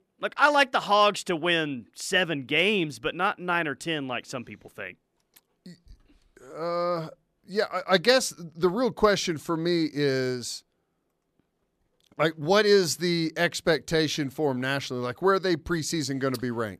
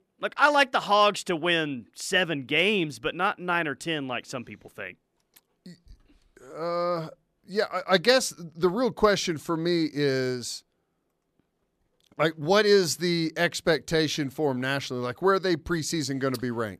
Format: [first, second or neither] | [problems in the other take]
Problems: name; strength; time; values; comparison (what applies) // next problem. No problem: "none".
neither | none